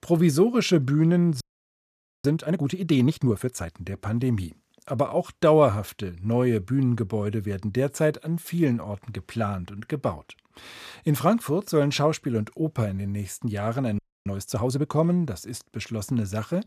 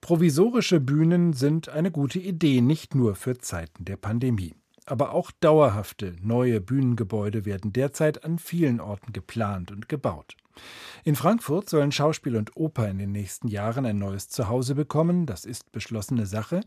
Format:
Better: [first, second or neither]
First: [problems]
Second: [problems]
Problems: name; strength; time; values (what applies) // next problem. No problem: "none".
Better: second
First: audio freezing; at 1.5 s for 1 s and at 14 s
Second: none